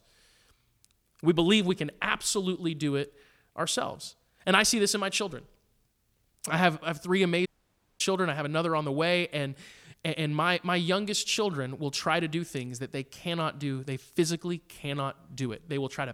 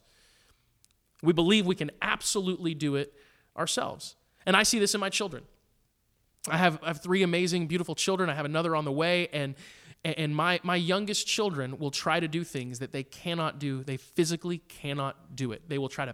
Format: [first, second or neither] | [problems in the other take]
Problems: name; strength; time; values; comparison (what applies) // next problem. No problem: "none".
second | audio cutting out; at 7.5 s for 0.5 s